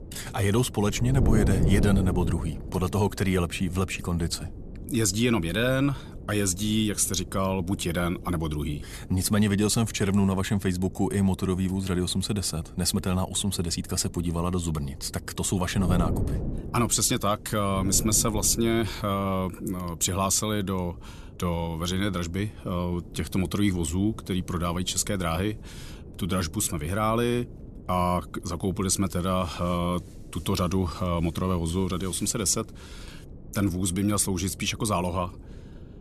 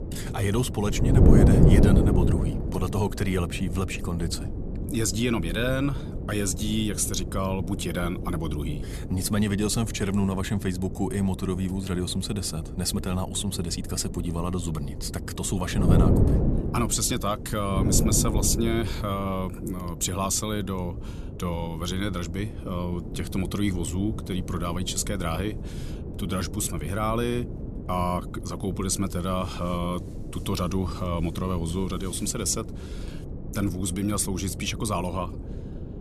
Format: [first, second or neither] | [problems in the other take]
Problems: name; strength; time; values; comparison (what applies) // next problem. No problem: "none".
first | wind noise on the microphone; heavy; 7 dB below the speech; occasional gusts in the first